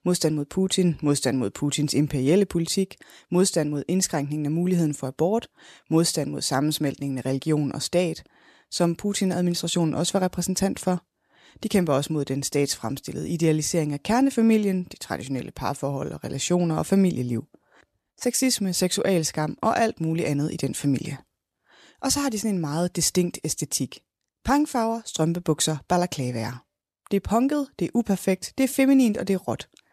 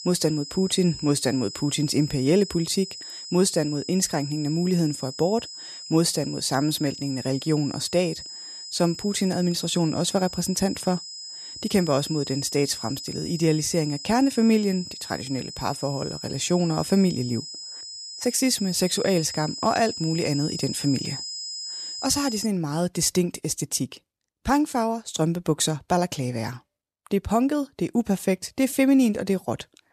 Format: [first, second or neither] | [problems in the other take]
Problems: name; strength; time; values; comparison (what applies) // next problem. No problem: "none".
first | high-pitched whine; loud; until 22 s; 5 kHz, 10 dB below the speech